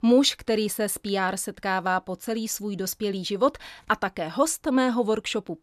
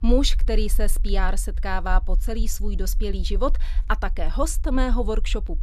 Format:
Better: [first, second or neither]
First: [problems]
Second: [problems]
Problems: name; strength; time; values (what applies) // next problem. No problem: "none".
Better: first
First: none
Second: low rumble; faint; throughout; 25 dB below the speech